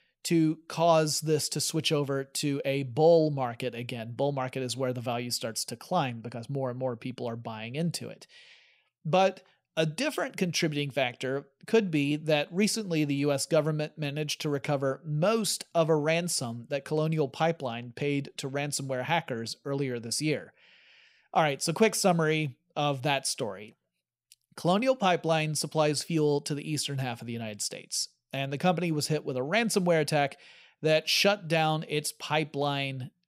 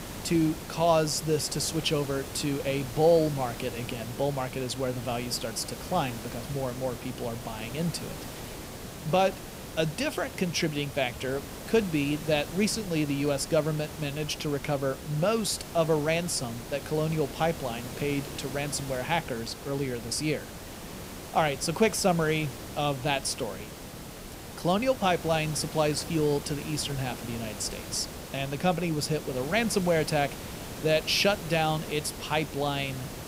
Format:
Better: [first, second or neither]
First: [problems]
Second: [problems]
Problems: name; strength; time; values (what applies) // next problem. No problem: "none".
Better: first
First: none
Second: hiss; noticeable; throughout; 10 dB below the speech